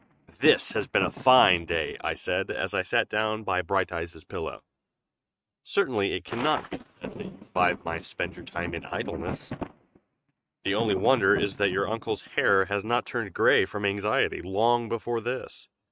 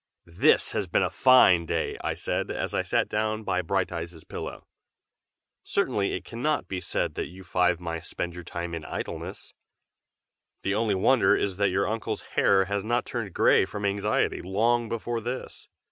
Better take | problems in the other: second | noise reduction (neural mask model RNNoise)

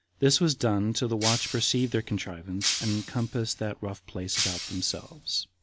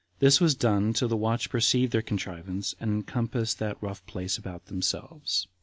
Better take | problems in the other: second | background sound (Shatter); 5 dB below the speech

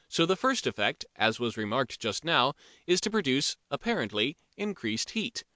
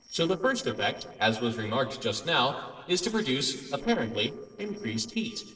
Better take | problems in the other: first | noise reduction (neural separator model SepFormer DNS4)

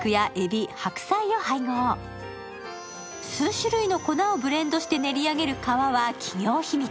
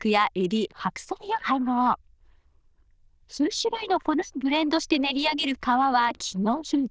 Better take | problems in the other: first | noise reduction (neural diffusion model UNIVERSE++)

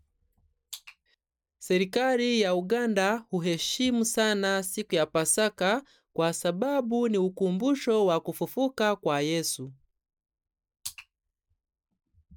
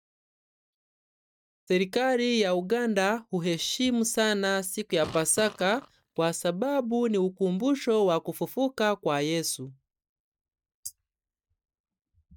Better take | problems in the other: first | noise reduction (neural mask model DeepFilterNet 3)

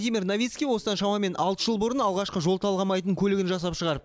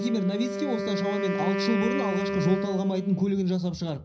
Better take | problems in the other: first | background sound (Wind instrument, woodwind instrument); 3 dB below the speech // room echo; dies away in 0.5 s

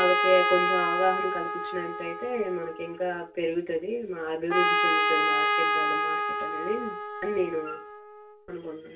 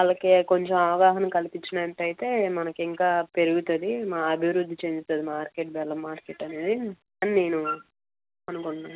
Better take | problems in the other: second | background sound (Trumpet); 2 dB above the speech // room echo; dies away in 0.2 s

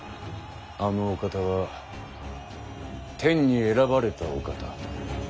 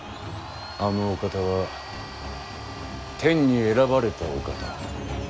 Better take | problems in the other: first | background sound (Domestic sounds, home sounds); 15 dB below the speech

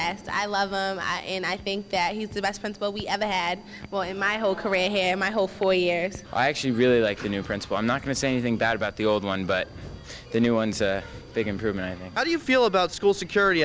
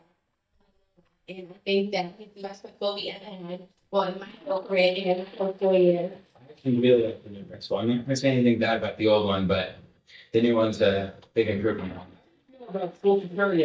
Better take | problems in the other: first | noise reduction (neural mask model DeepFilterNet 3)

